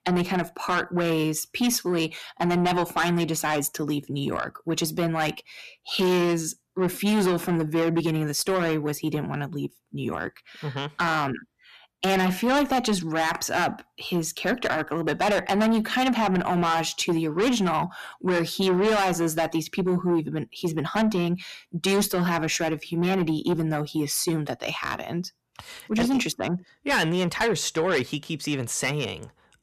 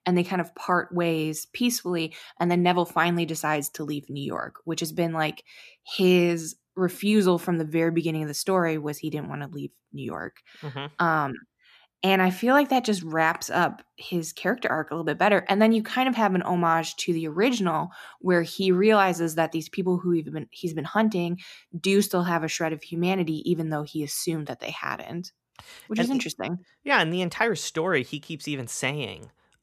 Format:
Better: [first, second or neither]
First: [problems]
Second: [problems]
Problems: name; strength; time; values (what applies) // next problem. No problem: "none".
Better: second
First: distortion; heavy; 7 dB below the speech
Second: none